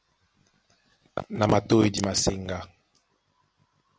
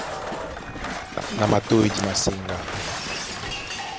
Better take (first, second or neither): first